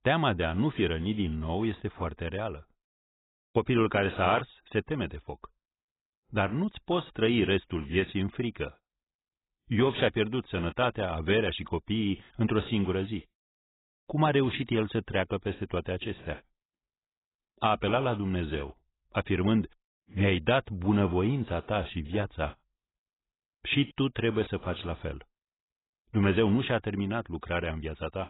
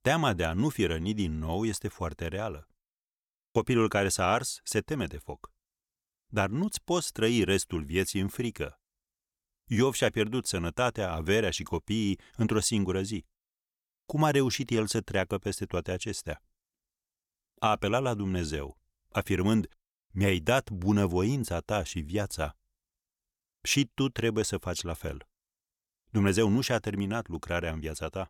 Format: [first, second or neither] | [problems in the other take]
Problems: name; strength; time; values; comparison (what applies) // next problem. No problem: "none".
second | garbled, watery; badly; nothing above 3.5 kHz